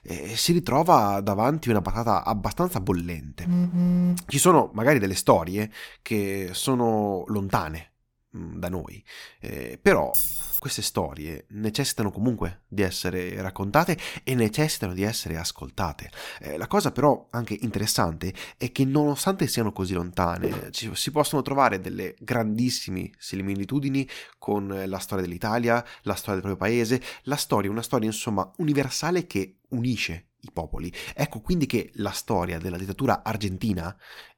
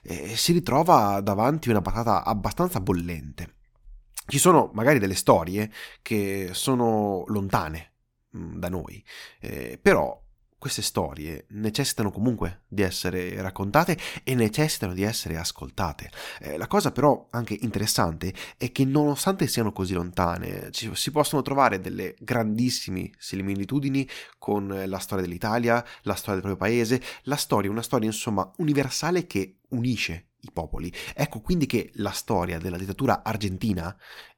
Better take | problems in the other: second | phone ringing; loud; at 3.5 s; peak 4 dB above the speech // jangling keys; loud; at 10 s; peak 4 dB above the speech // footsteps; noticeable; at 20 s; peak 6 dB below the speech

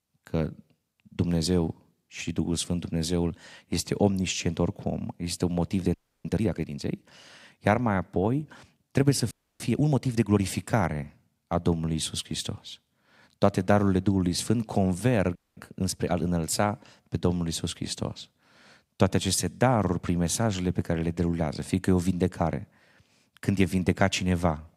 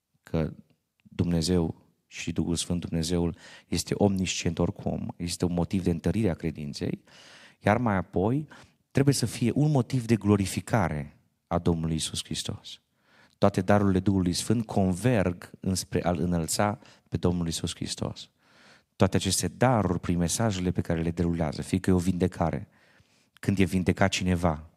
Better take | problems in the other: second | audio freezing; at 6 s, at 9.5 s and at 15 s

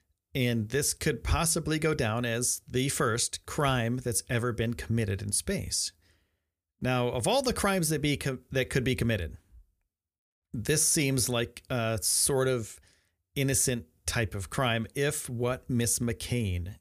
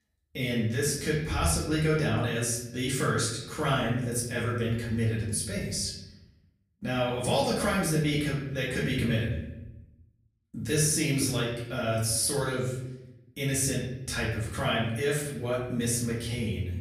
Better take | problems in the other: first | off-mic speech; far // room echo; noticeable; dies away in 0.8 s

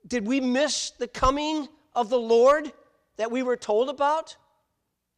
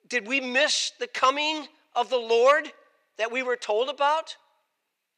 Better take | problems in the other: first | thin; somewhat; fading below 450 Hz

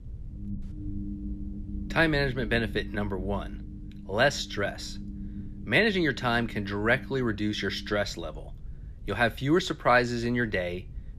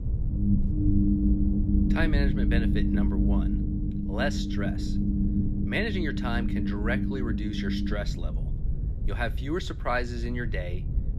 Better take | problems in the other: first | low rumble; loud; throughout; 3 dB below the speech; faint in the first

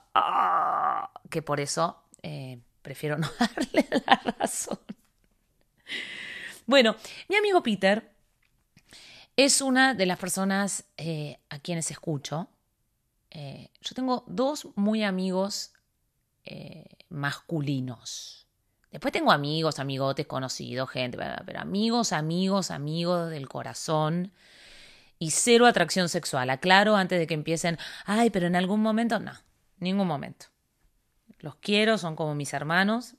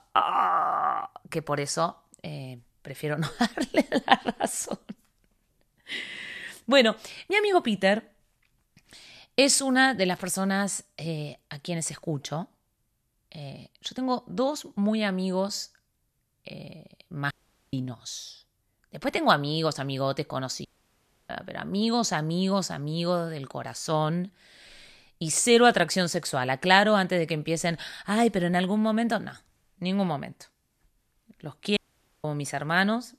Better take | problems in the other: first | audio cutting out; at 17 s, at 21 s for 0.5 s and at 32 s

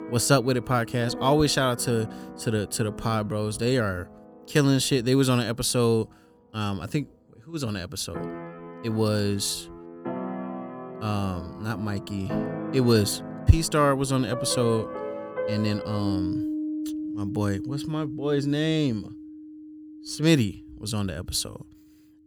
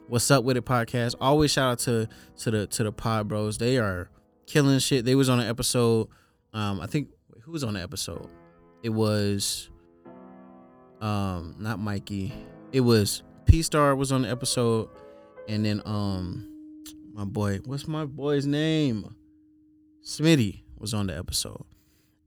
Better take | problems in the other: second | background music; loud; throughout; 10 dB below the speech; faint in the second

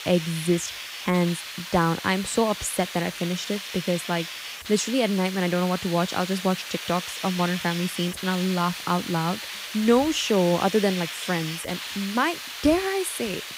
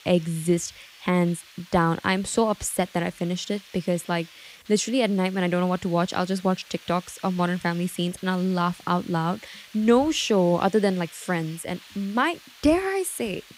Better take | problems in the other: second | hiss; loud; throughout; 7 dB below the speech; faint in the second

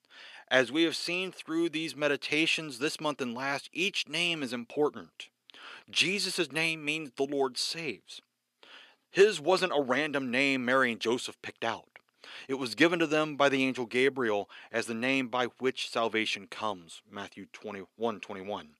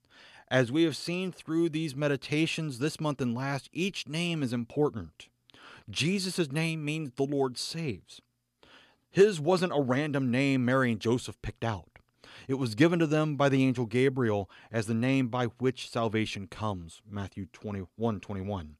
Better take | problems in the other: second | thin; somewhat; fading below 350 Hz

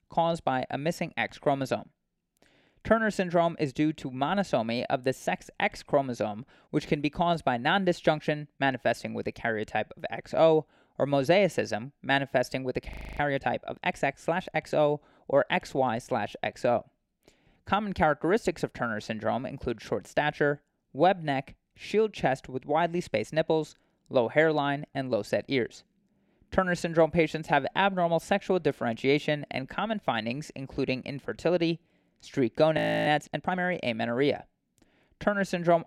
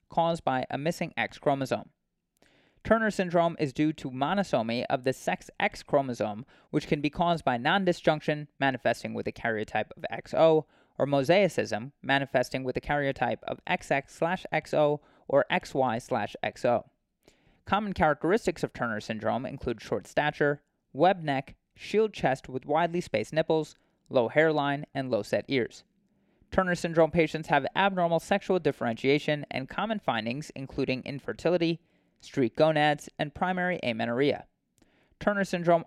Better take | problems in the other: second | audio freezing; at 13 s and at 33 s

